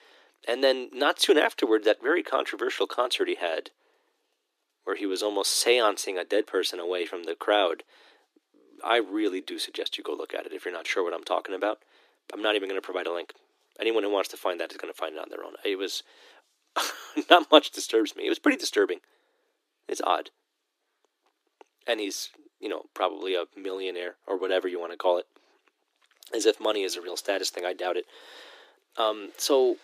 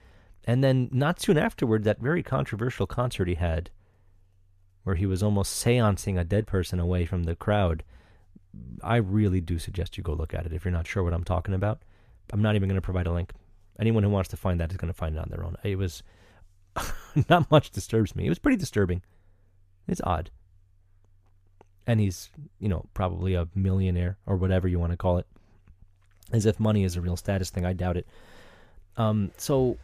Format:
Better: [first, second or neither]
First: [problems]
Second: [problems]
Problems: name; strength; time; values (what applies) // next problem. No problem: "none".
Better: second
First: thin; very; fading below 300 Hz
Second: none